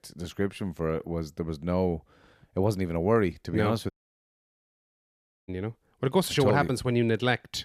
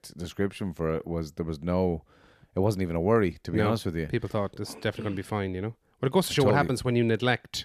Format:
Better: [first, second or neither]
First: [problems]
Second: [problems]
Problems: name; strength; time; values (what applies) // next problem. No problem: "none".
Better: second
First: audio cutting out; at 4 s for 1.5 s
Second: none